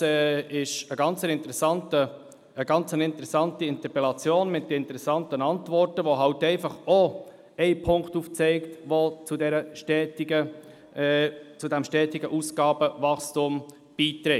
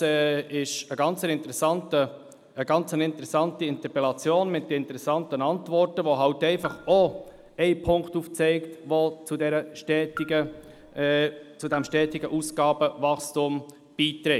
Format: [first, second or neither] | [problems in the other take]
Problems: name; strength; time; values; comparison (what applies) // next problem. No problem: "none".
first | background sound (Raindrop / Drip); 19 dB below the speech